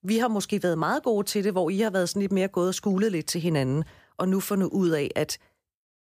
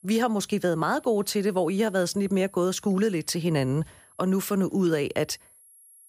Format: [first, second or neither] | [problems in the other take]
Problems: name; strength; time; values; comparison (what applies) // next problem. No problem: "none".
first | high-pitched whine; faint; throughout; 11 kHz, 25 dB below the speech